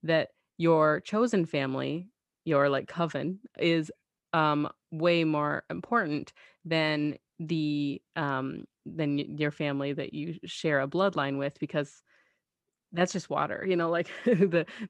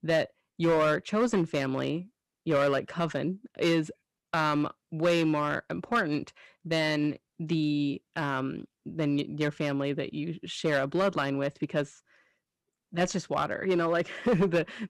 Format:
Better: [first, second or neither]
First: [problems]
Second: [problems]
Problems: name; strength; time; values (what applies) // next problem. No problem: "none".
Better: first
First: none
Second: distortion; slight; 4% of the sound clipped